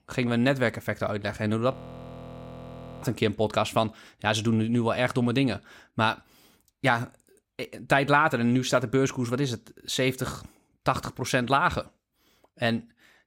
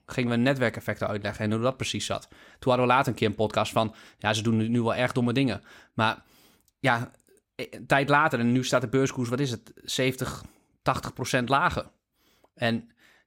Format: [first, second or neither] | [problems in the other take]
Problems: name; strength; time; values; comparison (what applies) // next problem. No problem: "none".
second | audio freezing; at 1.5 s for 1.5 s